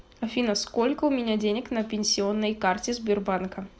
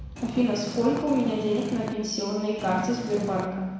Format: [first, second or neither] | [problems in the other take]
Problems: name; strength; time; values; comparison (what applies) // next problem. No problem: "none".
first | background sound (Purr); 10 dB below the speech // room echo; dies away in 1.1 s